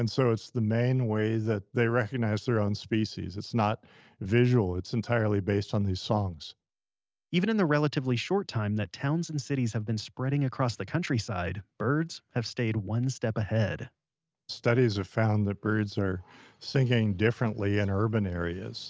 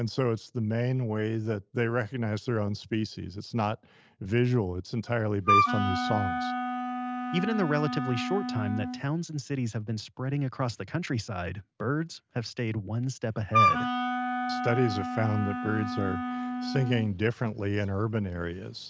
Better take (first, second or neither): first